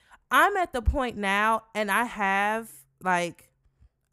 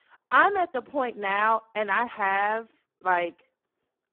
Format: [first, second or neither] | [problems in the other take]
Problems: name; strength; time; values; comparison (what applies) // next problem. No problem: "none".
first | phone-call audio; poor line